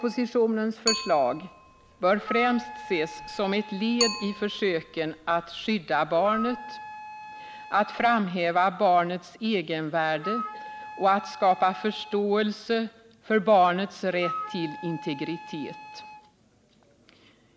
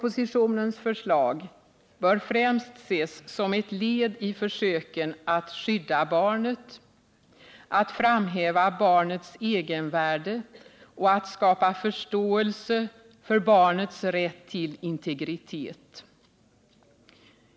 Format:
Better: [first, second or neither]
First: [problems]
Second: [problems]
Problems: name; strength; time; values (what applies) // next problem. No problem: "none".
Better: second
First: background sound (Wind instrument, woodwind instrument + Bicycle); 12 dB below the speech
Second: none